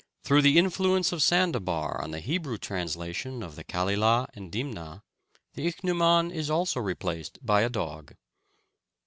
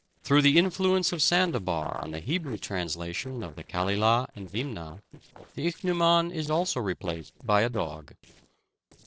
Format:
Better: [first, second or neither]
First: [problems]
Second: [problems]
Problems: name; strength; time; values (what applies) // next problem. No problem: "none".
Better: first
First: none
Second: noise reduction (neural separator model SepFormer DNS4)